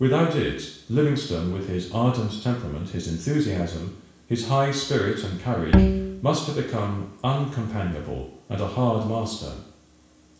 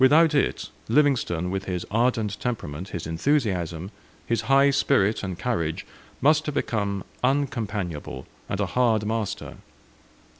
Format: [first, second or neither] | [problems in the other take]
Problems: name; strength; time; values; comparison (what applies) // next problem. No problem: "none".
second | background sound (Bowed string instrument); 4 dB above the speech // room echo; dies away in 0.7 s